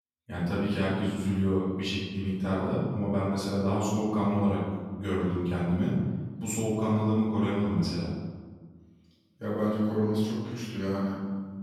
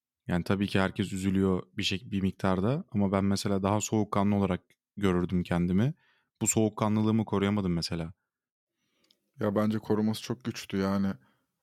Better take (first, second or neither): second